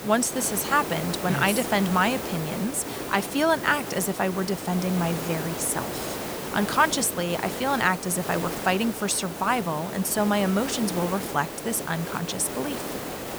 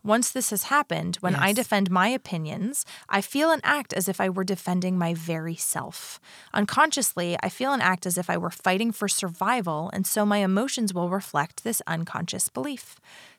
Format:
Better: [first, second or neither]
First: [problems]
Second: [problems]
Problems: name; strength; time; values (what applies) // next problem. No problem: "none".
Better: second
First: hiss; loud; throughout; 7 dB below the speech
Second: none